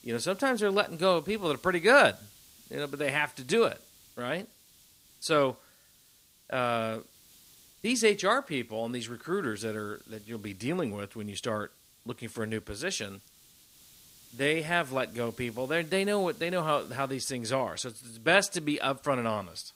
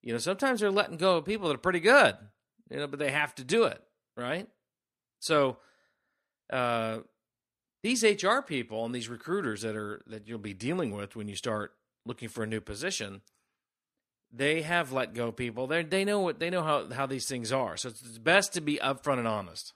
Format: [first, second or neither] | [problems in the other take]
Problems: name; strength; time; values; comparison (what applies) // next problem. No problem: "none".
second | hiss; faint; throughout; 25 dB below the speech